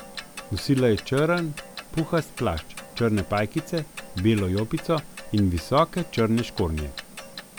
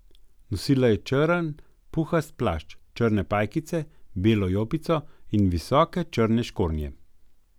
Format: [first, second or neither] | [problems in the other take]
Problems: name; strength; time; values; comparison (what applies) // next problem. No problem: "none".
second | background sound (Clock); 15 dB below the speech